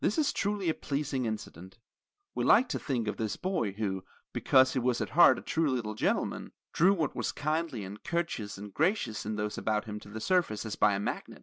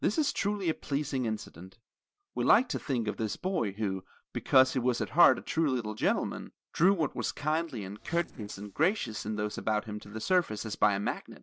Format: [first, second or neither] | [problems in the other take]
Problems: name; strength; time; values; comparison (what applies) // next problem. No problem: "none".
first | noise reduction (neural separator model SepFormer DNS4)